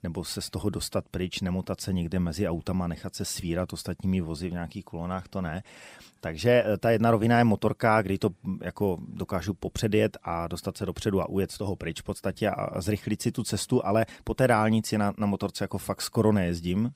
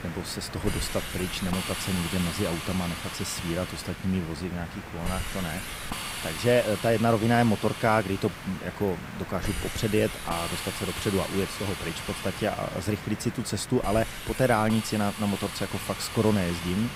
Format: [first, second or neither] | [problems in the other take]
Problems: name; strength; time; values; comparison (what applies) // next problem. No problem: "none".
first | hiss; loud; throughout; 7 dB below the speech